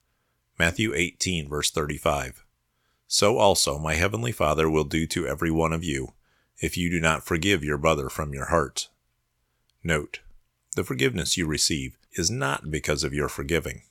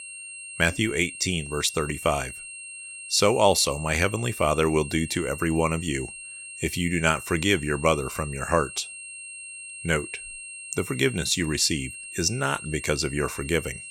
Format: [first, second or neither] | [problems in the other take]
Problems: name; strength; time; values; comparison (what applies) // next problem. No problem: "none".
first | high-pitched whine; noticeable; throughout; 2.5 kHz, 10 dB below the speech